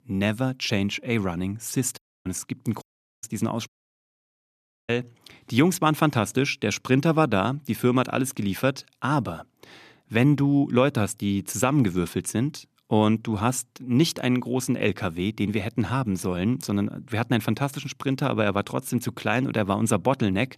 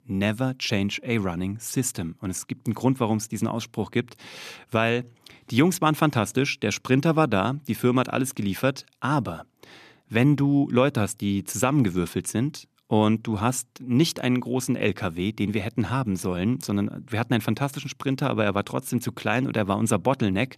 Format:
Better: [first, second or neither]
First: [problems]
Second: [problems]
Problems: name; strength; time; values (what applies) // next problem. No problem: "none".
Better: second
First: audio cutting out; at 2 s, at 3 s and at 3.5 s for 1 s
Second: none